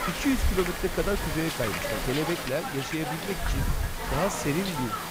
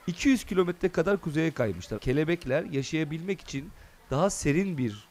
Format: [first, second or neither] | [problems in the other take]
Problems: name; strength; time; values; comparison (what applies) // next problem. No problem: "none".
second | hiss; loud; throughout; 1 dB below the speech; faint in the second